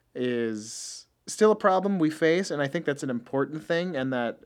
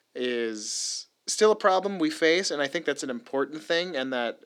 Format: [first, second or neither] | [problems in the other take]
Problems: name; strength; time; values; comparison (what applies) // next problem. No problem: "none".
first | thin; very slightly; fading below 350 Hz